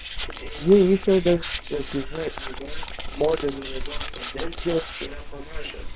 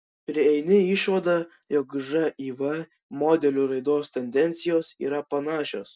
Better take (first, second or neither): second